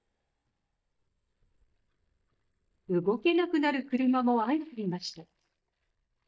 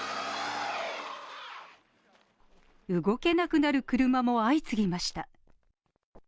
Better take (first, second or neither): second